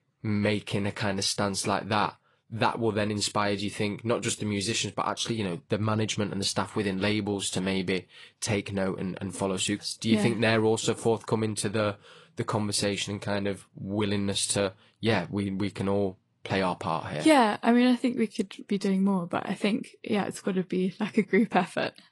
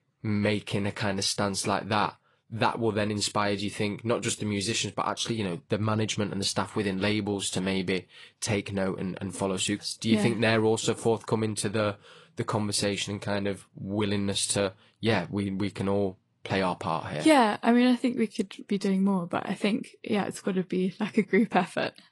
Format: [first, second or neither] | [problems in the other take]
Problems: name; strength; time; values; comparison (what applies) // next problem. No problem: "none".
neither | garbled, watery; slightly; nothing above 10.5 kHz; the same in both